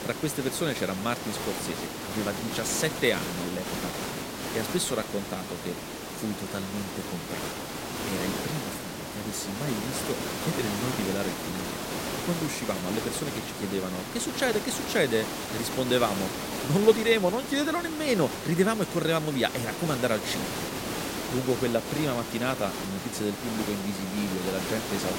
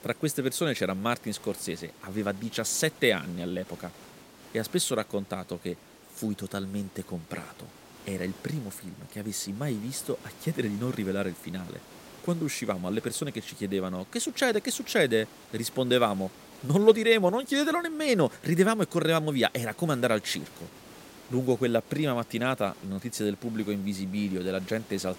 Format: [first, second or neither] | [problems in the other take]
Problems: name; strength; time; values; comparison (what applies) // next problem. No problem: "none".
second | hiss; loud; throughout; 4 dB below the speech; faint in the second